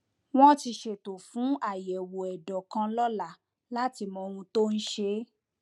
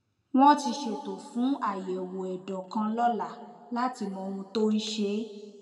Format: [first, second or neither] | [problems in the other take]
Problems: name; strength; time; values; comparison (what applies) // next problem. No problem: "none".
first | room echo; dies away in 1.7 s